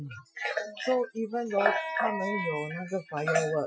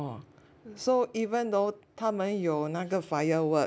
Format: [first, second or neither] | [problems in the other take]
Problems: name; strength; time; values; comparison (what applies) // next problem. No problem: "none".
second | noise reduction (classical method Wiener filter)